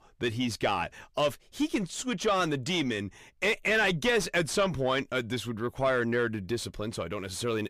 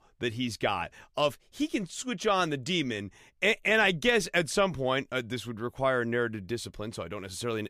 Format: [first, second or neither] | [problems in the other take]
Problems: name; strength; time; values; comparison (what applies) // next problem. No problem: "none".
second | distortion; slight; 10 dB below the speech